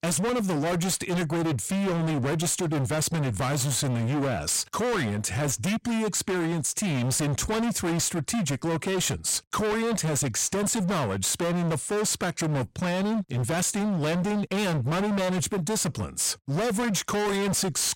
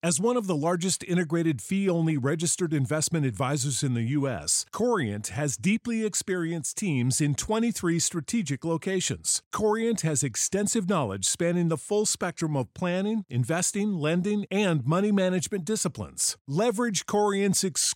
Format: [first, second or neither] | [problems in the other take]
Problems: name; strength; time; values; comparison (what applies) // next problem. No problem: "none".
second | distortion; heavy; 45% of the sound clipped